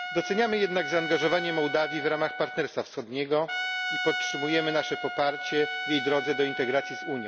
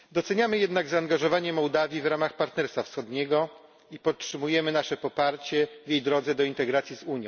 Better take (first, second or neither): second